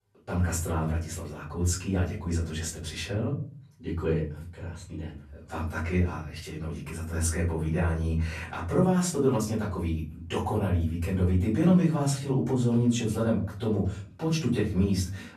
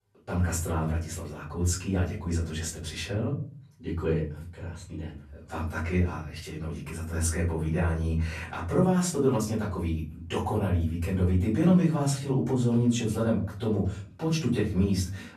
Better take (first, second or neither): neither